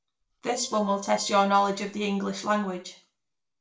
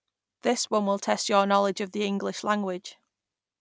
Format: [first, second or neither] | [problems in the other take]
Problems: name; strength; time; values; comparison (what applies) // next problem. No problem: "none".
second | noise reduction (neural separator model SepFormer DNS4)